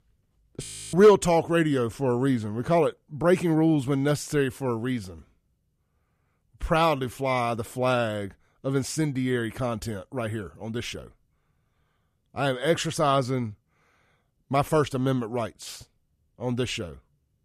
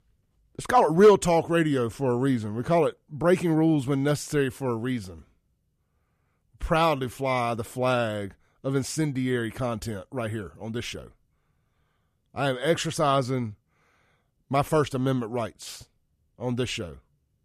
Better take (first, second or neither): second